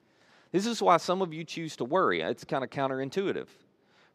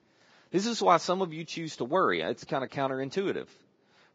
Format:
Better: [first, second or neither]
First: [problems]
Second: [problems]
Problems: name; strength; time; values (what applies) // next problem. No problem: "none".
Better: first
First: none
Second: garbled, watery; badly; nothing above 7.5 kHz